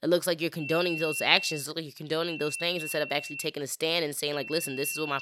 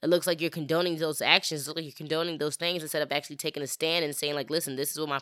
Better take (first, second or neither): second